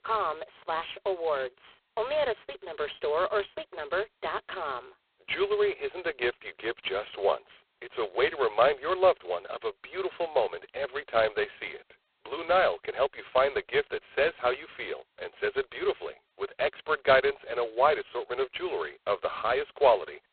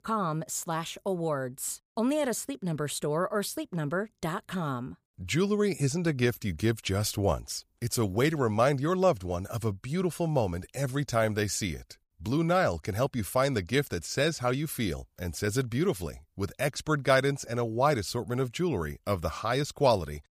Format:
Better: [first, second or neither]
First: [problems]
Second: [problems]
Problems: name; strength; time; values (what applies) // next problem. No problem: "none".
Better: second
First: phone-call audio; poor line; nothing above 4 kHz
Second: none